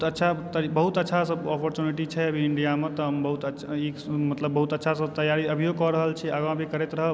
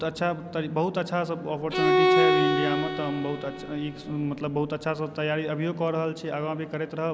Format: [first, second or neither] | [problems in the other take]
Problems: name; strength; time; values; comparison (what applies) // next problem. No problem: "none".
first | background sound (Bowed string instrument); 3 dB above the speech